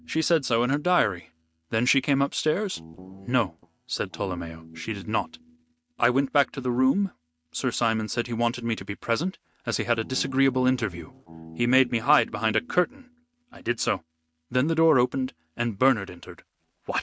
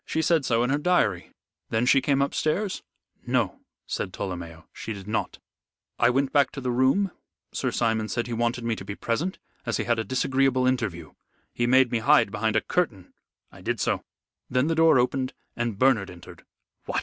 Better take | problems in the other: second | noise reduction (neural mask model RNNoise)

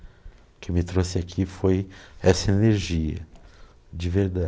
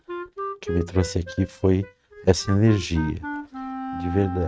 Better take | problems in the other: first | noise reduction (neural mask model RNNoise)

